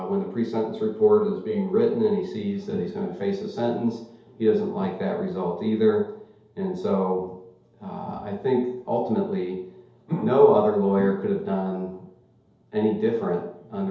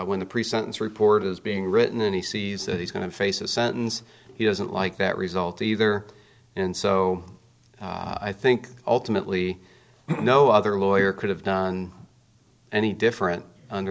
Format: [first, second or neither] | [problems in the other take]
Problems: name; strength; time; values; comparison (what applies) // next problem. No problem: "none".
second | room echo; dies away in 0.8 s